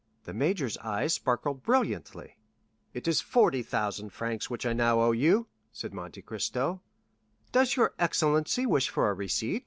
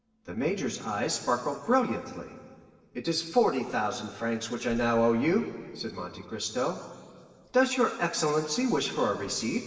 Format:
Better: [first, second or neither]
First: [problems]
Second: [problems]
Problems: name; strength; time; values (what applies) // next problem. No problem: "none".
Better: first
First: none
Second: room echo; dies away in 2 s